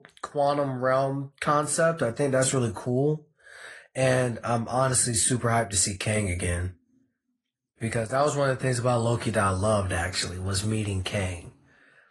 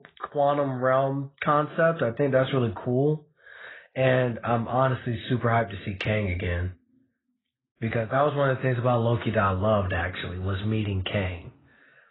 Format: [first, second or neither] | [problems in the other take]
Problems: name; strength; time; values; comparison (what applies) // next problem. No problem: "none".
first | garbled, watery; badly; nothing above 7.5 kHz; slightly in the first